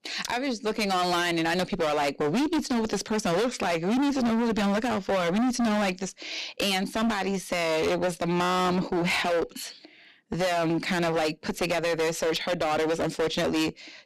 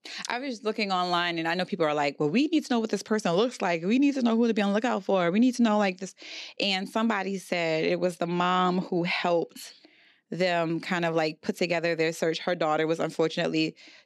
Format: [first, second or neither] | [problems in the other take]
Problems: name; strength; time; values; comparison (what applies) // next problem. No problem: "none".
second | distortion; heavy; 26% of the sound clipped